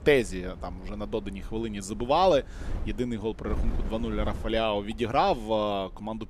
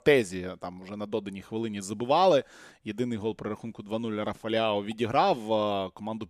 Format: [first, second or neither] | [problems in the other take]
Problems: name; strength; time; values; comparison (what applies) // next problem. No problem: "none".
second | wind noise on the microphone; occasional gusts; 20 dB below the speech